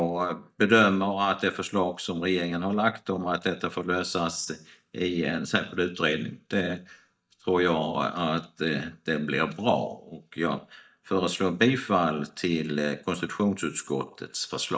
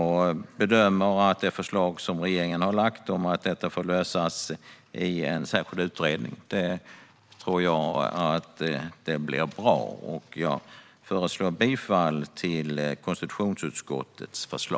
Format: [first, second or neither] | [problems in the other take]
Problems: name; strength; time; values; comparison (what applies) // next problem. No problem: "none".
second | noise reduction (neural mask model DeepFilterNet 3)